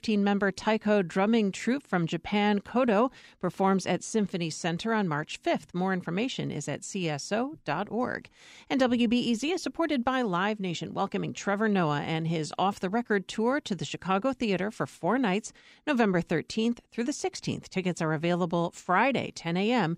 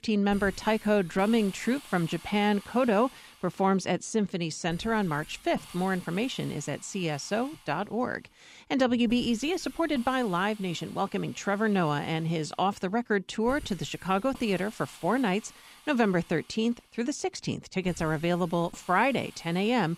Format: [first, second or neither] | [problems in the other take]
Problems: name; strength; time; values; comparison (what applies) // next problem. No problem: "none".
first | hiss; faint; throughout; 20 dB below the speech